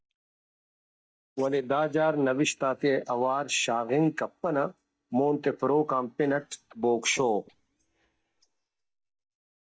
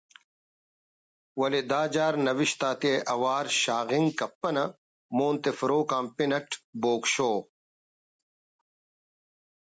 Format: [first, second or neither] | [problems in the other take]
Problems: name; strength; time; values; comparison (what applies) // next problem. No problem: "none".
second | noise reduction (neural mask model DeepFilterNet 3)